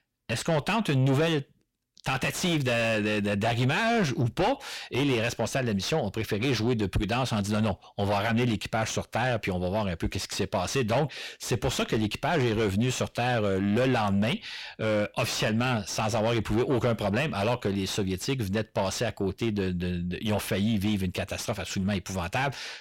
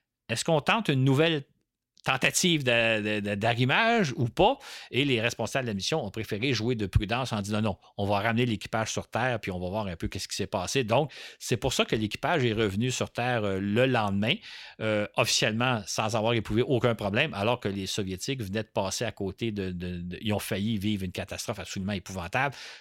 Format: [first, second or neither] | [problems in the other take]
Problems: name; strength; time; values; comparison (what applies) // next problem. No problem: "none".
second | distortion; heavy; 6 dB below the speech